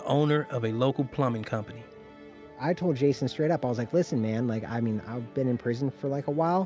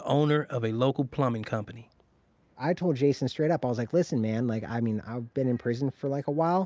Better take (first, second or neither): second